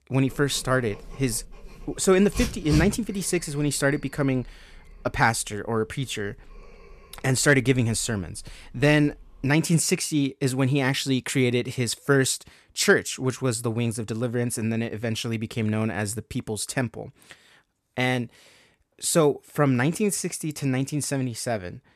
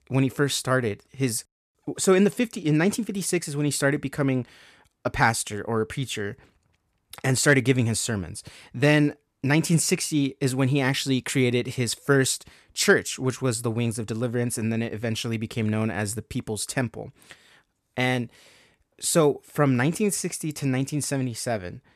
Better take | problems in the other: second | dog barking; noticeable; until 9 s; peak 3 dB below the speech

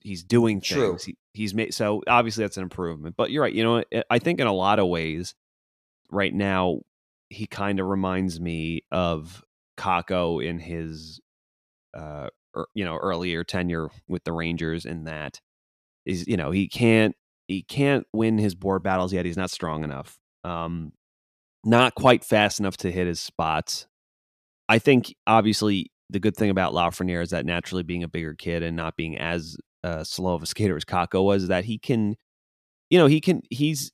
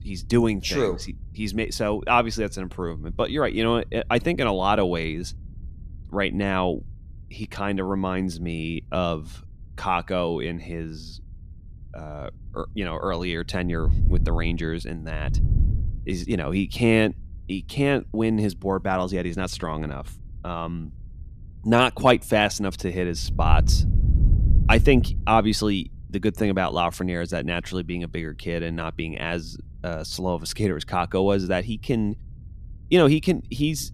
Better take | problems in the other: first | wind noise on the microphone; occasional gusts; 20 dB below the speech

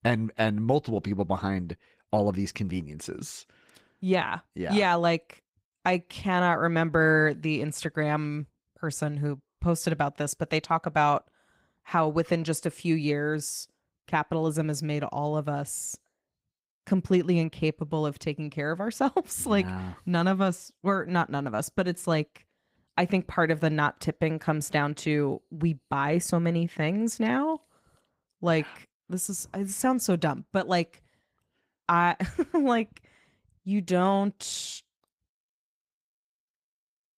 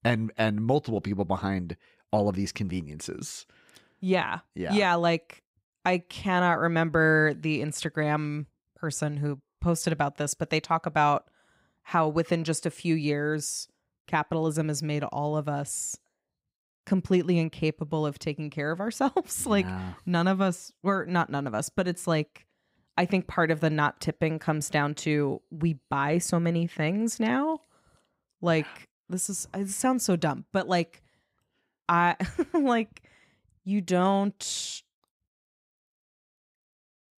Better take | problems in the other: second | garbled, watery; slightly; nothing above 15.5 kHz

